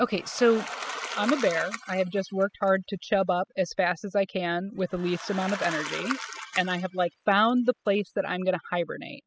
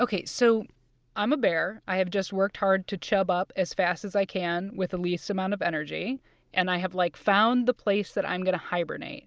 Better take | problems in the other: second | noise reduction (classical method spectral subtraction)

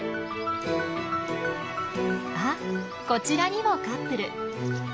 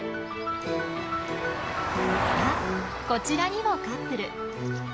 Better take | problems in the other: first | background sound (Vehicle); 4 dB below the speech

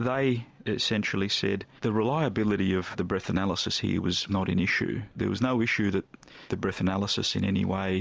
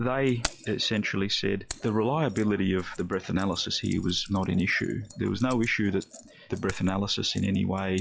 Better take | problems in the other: first | noise reduction (classical method log-MMSE)

